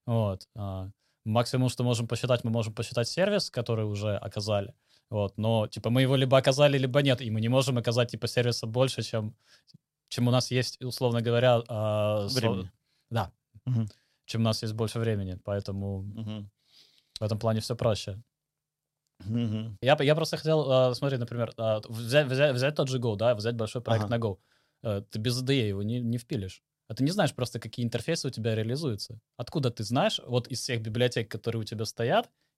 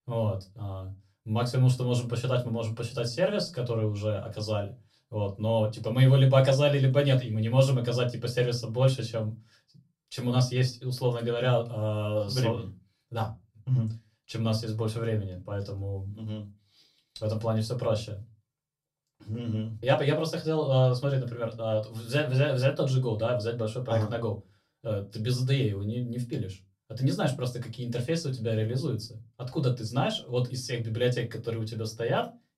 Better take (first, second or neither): first